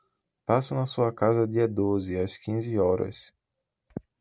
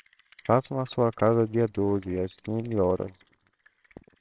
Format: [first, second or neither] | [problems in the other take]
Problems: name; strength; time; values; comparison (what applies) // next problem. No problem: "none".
first | noise reduction (neural separator model SepFormer WHAMR!)